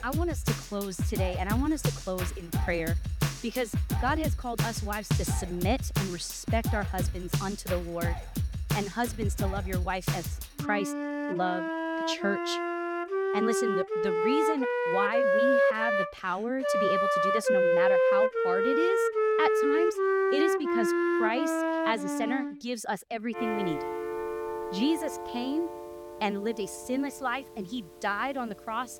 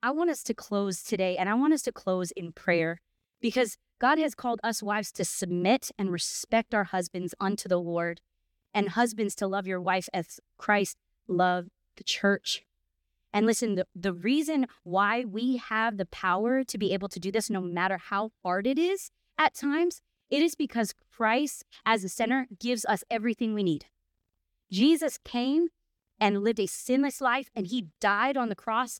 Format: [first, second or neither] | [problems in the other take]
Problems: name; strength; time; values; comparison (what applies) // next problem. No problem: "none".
second | background music; very loud; throughout; 4 dB above the speech